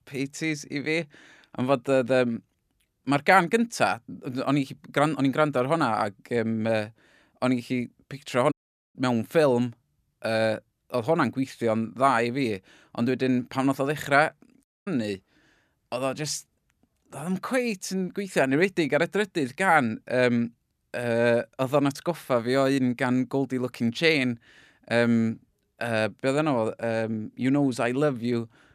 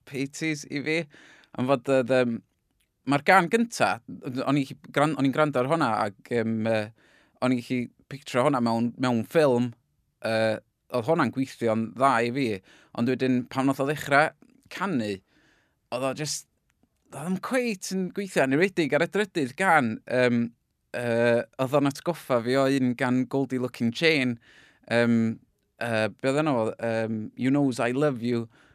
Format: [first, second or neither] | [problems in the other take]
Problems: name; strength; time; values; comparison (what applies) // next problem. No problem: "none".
second | audio cutting out; at 8.5 s and at 15 s